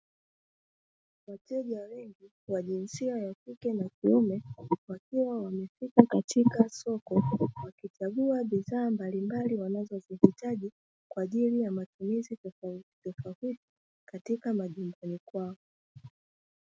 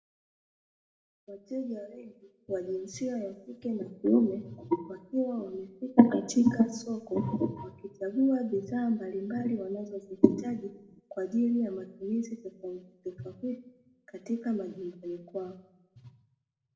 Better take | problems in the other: first | room echo; dies away in 0.6 s

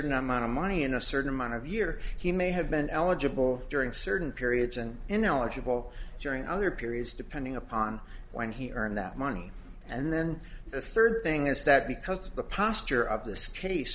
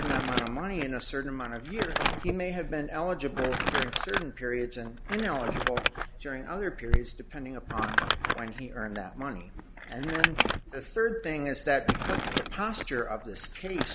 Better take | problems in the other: first | background sound (Crumpling, crinkling); as loud as the speech

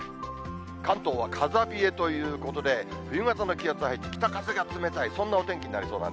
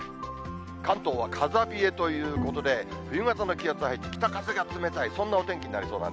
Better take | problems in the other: first | background sound (Bowed string instrument); 7 dB below the speech

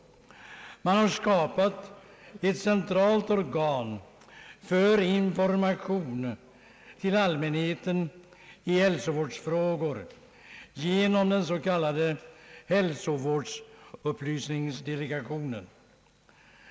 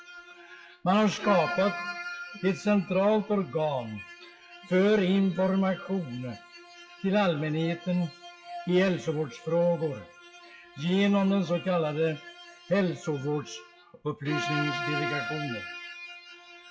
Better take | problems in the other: first | noise reduction (classical method WPE with log-MMSE)

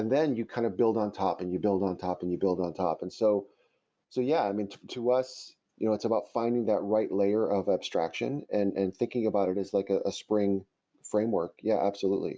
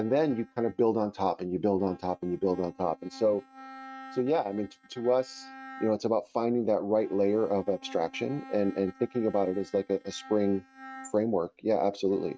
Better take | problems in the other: first | noise reduction (neural mask model RNNoise)

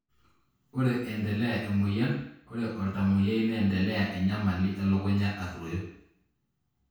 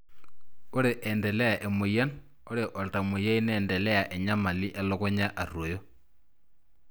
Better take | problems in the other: second | room echo; dies away in 0.6 s

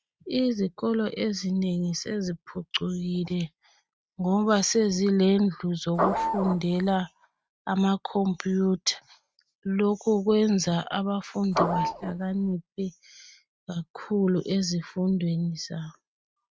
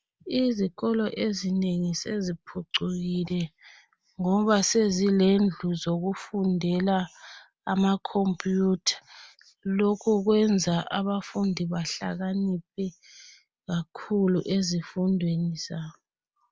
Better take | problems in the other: second | noise reduction (neural mask model RNNoise)

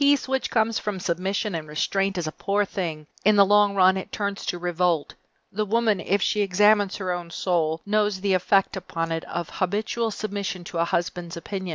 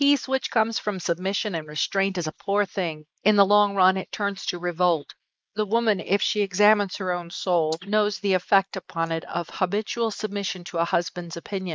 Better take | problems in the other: first | noise reduction (neural mask model Resemble Enhance denoiser)

